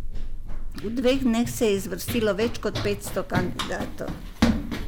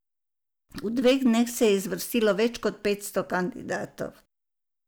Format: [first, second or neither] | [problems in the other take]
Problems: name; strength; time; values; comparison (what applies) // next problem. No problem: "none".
second | background sound (Run); 1 dB below the speech